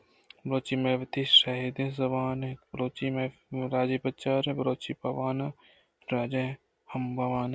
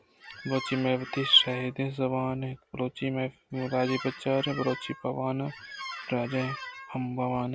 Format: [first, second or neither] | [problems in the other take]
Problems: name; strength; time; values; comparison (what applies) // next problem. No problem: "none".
first | background sound (Squeak); 12 dB below the speech